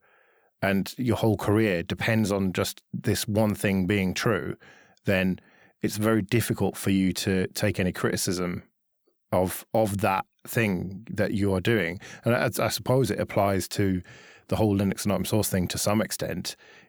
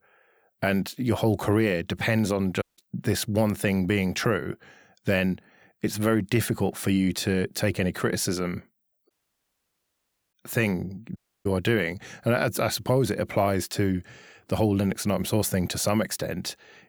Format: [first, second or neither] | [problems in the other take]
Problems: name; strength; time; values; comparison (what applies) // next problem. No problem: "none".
first | audio cutting out; at 2.5 s, at 9 s for 1 s and at 11 s